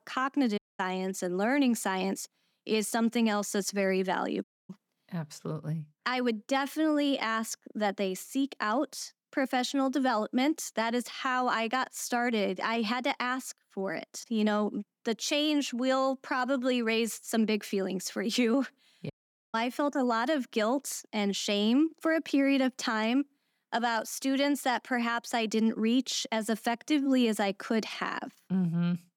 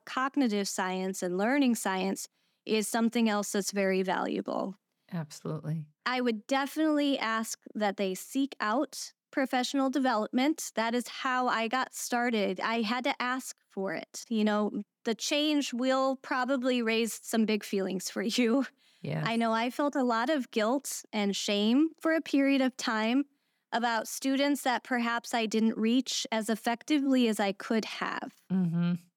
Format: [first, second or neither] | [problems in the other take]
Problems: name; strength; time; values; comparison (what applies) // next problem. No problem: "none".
second | audio cutting out; at 0.5 s, at 4.5 s and at 19 s